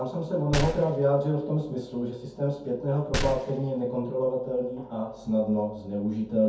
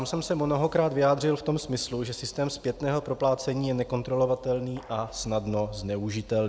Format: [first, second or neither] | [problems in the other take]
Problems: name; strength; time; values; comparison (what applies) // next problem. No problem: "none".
second | background sound (Gunshot, gunfire); 9 dB below the speech // room echo; dies away in 0.6 s